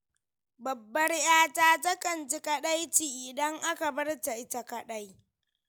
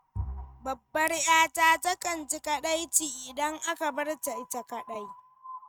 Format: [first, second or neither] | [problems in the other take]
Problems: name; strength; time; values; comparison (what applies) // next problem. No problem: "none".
first | noise reduction (neural mask model RNNoise)